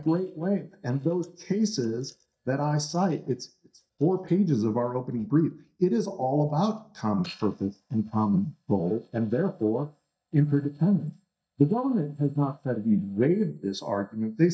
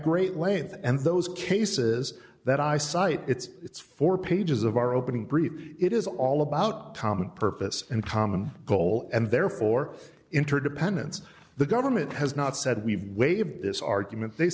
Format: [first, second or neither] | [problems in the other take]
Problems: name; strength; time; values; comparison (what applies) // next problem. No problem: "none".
second | noise reduction (neural mask model DeepFilterNet 3)